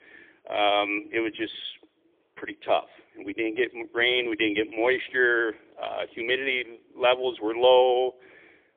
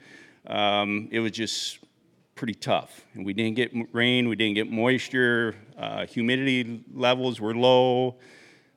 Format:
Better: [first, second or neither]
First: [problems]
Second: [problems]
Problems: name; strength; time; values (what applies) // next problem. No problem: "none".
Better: second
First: phone-call audio; poor line; nothing above 3.5 kHz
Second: none